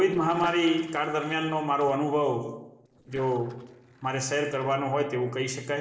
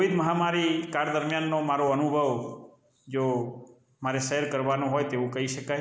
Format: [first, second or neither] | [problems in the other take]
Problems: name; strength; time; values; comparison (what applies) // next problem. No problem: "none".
second | noise reduction (neural separator model SepFormer DNS4)